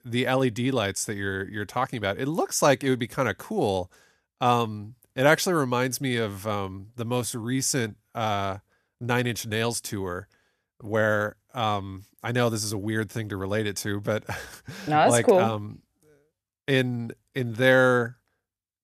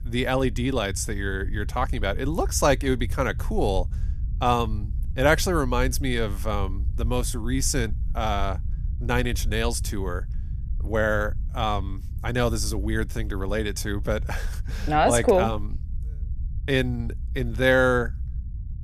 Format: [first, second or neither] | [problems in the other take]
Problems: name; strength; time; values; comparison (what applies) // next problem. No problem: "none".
first | low rumble; faint; throughout; 25 dB below the speech